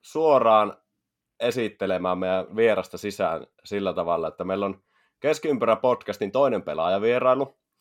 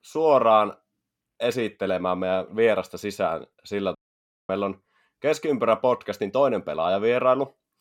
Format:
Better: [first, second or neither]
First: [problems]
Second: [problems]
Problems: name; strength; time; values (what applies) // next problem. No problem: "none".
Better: first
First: none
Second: audio cutting out; at 4 s for 0.5 s